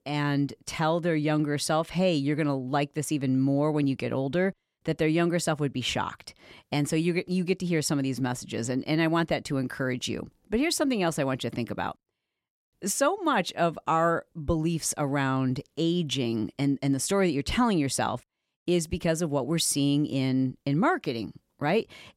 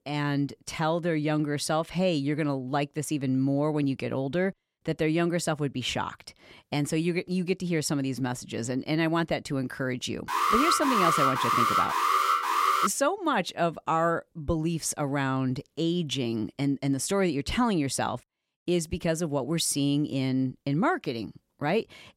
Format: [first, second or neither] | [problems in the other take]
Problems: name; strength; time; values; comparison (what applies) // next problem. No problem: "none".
first | alarm; loud; from 10 to 13 s; peak 5 dB above the speech